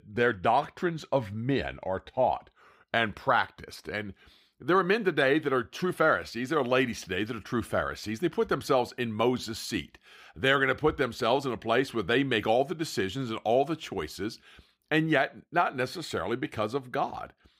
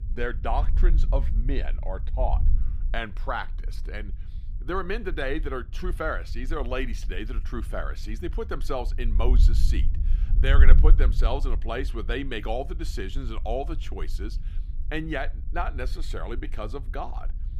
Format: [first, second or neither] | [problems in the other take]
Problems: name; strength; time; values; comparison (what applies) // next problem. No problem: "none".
first | wind noise on the microphone; occasional gusts; 15 dB below the speech